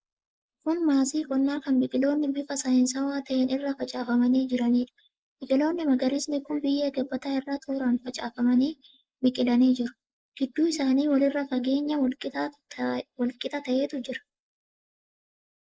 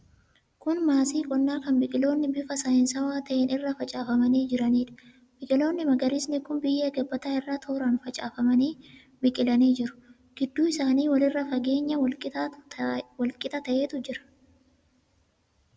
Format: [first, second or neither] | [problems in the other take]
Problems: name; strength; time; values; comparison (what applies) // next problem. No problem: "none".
second | noise reduction (neural mask model Resemble Enhance denoiser)